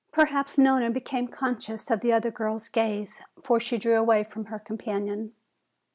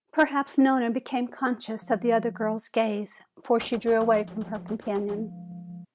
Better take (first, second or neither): first